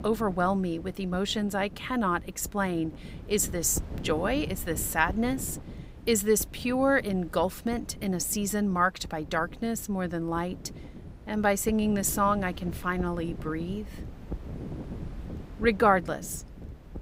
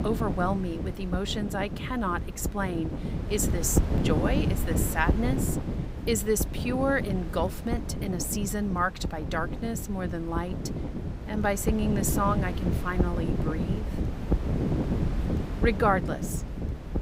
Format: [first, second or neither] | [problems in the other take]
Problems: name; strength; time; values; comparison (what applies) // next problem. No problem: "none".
first | wind noise on the microphone; heavy; 7 dB below the speech; occasional gusts in the first